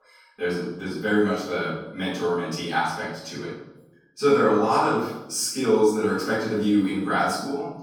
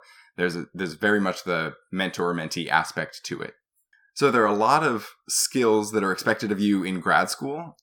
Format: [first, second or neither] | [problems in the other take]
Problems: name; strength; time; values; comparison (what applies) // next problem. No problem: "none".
second | off-mic speech; far // room echo; noticeable; dies away in 0.8 s